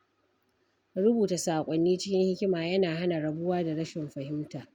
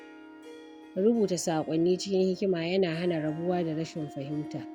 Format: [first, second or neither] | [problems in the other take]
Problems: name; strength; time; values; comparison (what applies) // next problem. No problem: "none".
first | background sound (Harp); 17 dB below the speech